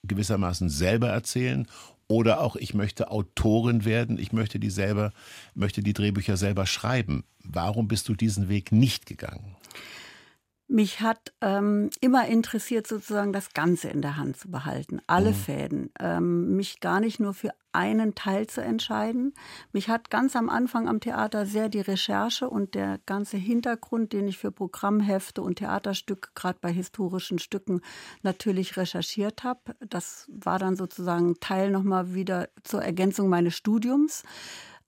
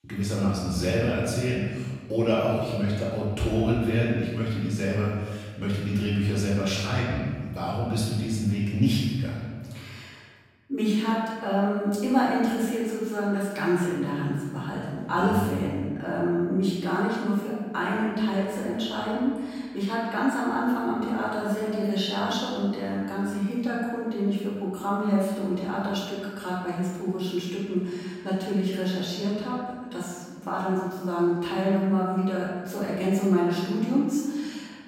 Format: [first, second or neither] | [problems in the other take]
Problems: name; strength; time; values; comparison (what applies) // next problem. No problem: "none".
first | room echo; strong; dies away in 1.3 s // off-mic speech; far